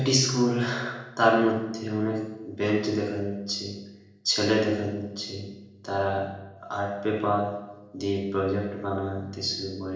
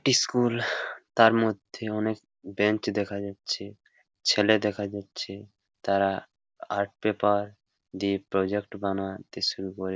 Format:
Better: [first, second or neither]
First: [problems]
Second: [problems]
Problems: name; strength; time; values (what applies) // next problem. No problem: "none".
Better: second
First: room echo; dies away in 1 s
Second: none